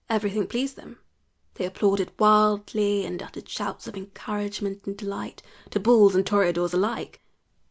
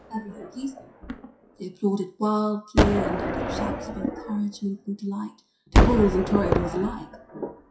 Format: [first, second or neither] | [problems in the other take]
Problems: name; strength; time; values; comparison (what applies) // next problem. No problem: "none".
first | noise reduction (classical method WPE with log-MMSE)